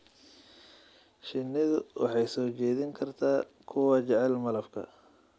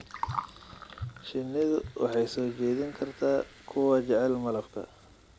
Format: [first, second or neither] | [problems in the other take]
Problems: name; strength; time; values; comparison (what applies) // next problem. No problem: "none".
first | background sound (Gurgling); 13 dB below the speech